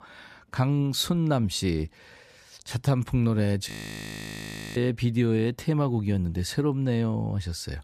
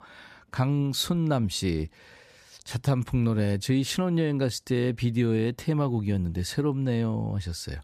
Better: second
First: audio freezing; at 3.5 s for 1 s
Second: none

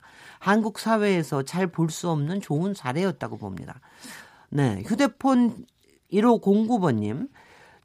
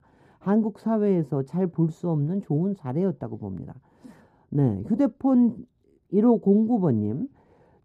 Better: first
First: none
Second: muffled; very; fading above 1 kHz

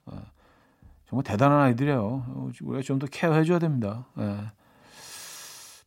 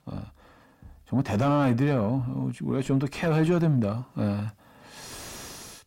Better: first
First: none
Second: distortion; heavy; 7 dB below the speech

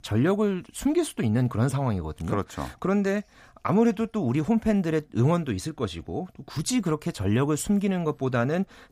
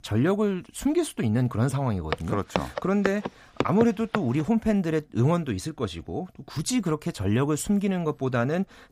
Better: first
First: none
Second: footsteps; noticeable; from 2 to 4 s; peak 4 dB below the speech

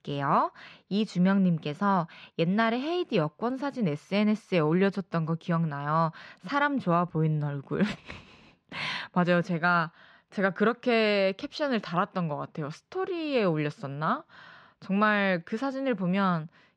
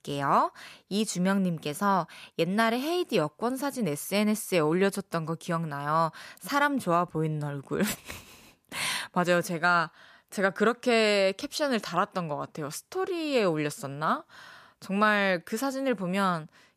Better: second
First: muffled; very slightly; fading above 4 kHz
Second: none

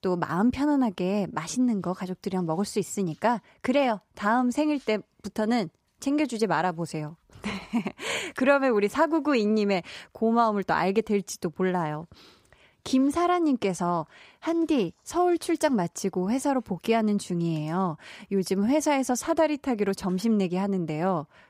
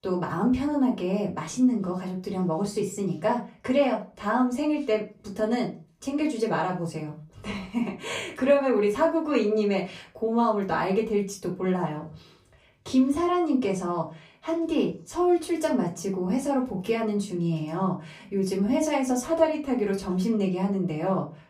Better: first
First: none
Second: off-mic speech; far // room echo; very slight; dies away in 0.3 s

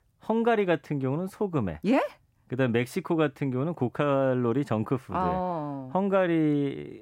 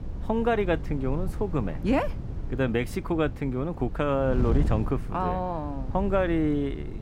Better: first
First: none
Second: wind noise on the microphone; occasional gusts; 15 dB below the speech

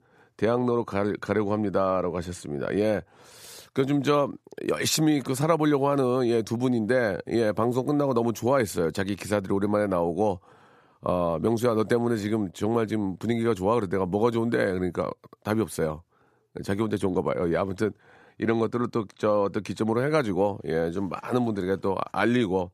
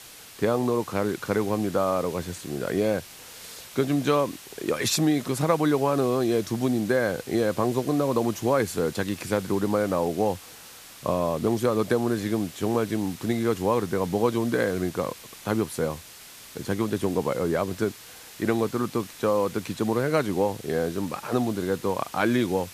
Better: first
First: none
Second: hiss; noticeable; throughout; 15 dB below the speech

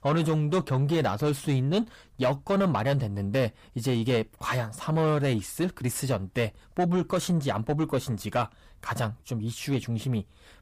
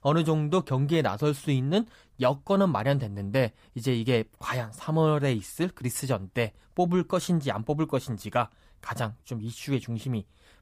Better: second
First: distortion; slight; 10 dB below the speech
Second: none

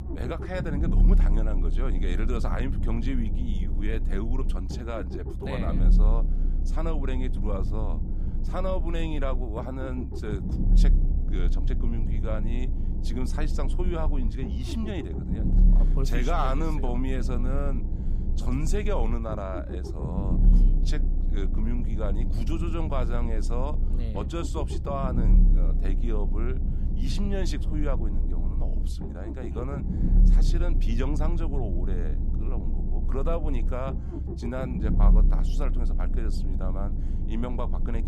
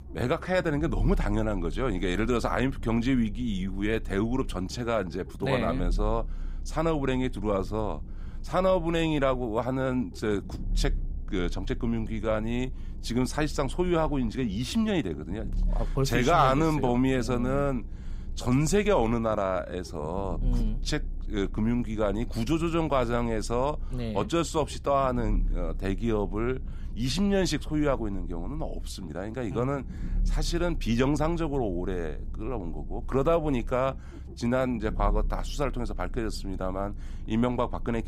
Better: second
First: low rumble; loud; throughout; 7 dB below the speech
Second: low rumble; faint; throughout; 25 dB below the speech

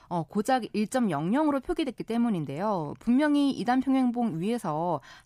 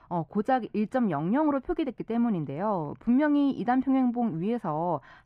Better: first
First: none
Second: muffled; very; fading above 4 kHz

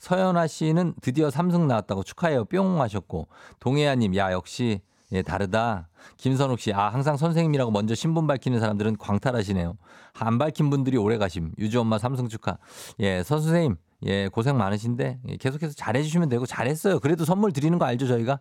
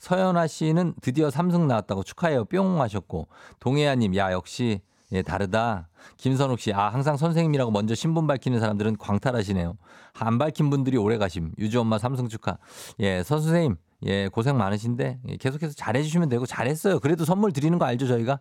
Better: neither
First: none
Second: none

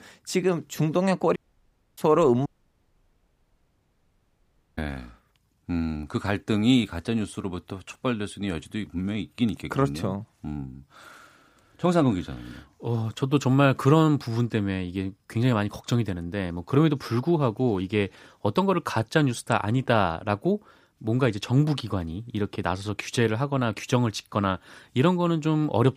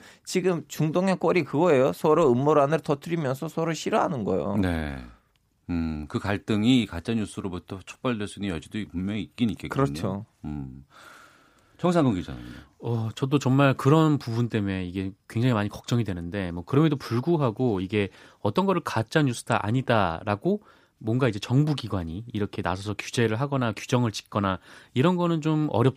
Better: second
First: audio cutting out; at 1.5 s for 0.5 s and at 2.5 s for 2.5 s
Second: none

